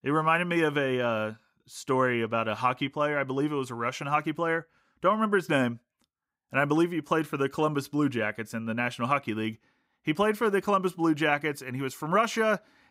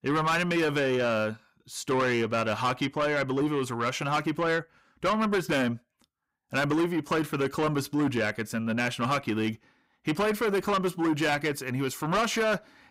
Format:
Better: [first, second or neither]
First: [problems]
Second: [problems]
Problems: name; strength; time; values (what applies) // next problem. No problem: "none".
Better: first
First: none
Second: distortion; heavy; 8 dB below the speech